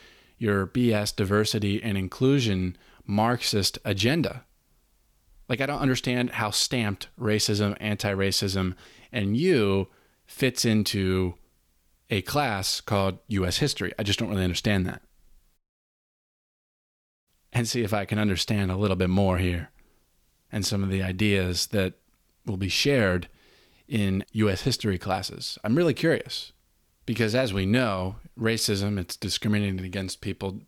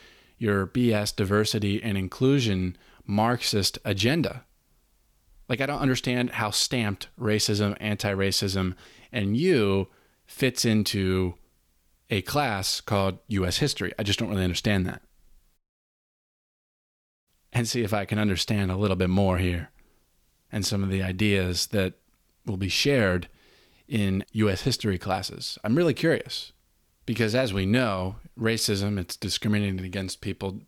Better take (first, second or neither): neither